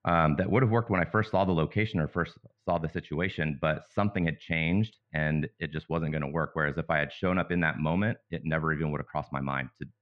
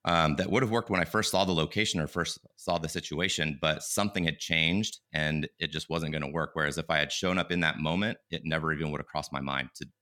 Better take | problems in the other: second | muffled; very; fading above 2 kHz

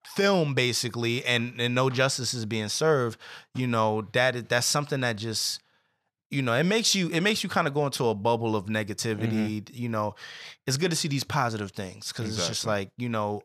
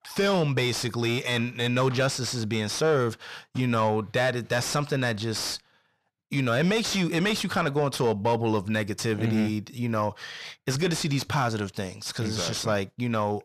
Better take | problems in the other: first | distortion; slight; 10 dB below the speech

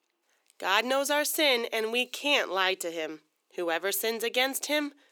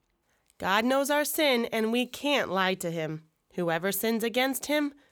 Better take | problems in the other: second | thin; very slightly; fading below 350 Hz

